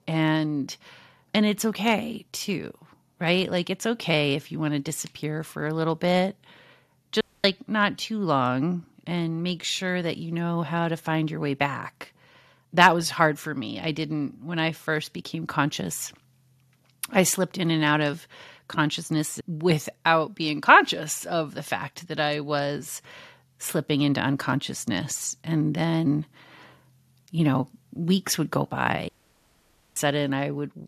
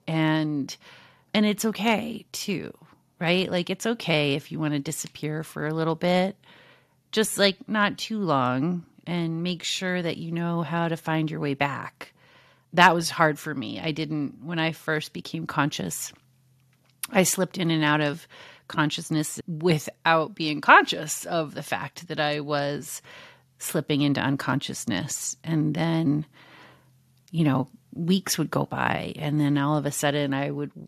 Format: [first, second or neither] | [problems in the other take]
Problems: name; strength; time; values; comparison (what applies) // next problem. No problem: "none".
second | audio cutting out; at 7 s and at 29 s for 1 s